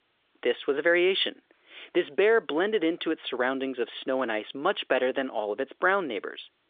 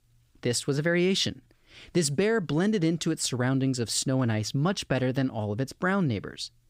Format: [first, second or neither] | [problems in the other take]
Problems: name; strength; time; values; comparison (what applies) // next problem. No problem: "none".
second | phone-call audio